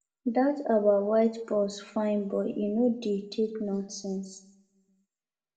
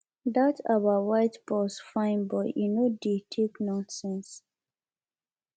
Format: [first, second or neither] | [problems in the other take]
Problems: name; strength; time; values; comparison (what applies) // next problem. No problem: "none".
second | room echo; dies away in 0.6 s